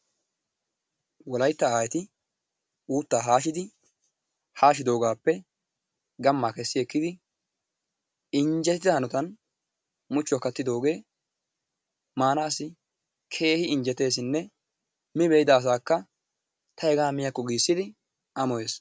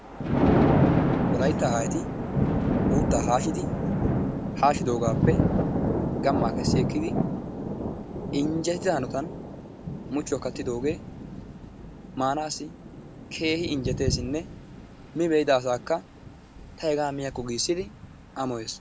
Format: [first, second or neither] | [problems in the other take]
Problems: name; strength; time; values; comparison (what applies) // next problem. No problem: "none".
first | background sound (Thunder); 2 dB above the speech